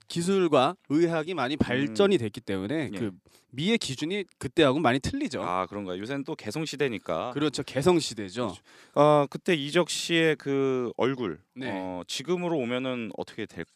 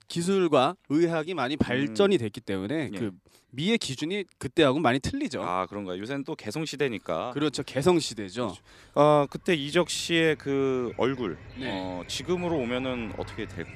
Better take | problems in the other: first | animal sounds; noticeable; throughout; 20 dB below the speech

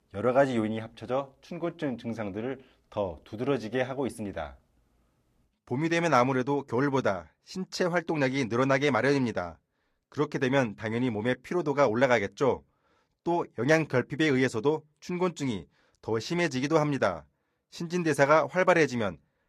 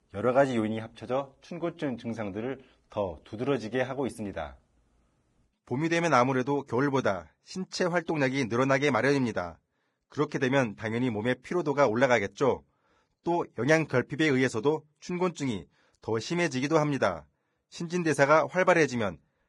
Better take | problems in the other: first | garbled, watery; badly; nothing above 10.5 kHz; slightly in the first

